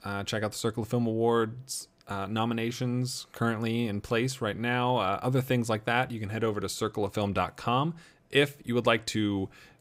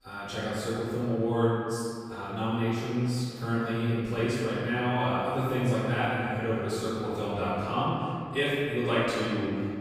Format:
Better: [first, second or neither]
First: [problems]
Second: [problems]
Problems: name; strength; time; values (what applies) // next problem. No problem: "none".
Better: first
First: none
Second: room echo; strong; dies away in 2.1 s // off-mic speech; far